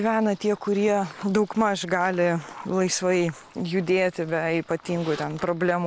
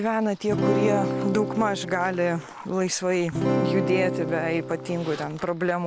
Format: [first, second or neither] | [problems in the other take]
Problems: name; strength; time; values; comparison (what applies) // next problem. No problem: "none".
first | background sound (Acoustic guitar / Strum); 2 dB below the speech